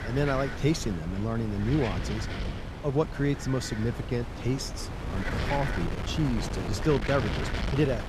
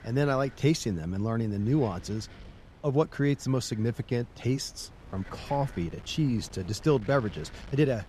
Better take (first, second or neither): second